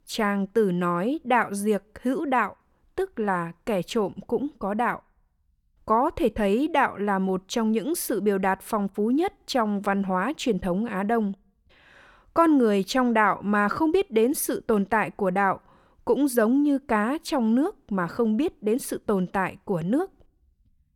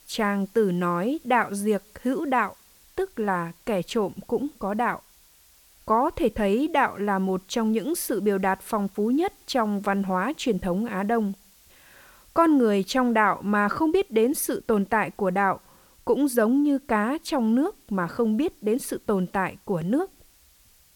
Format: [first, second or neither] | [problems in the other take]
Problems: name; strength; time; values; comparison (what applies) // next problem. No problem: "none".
first | hiss; faint; throughout; 30 dB below the speech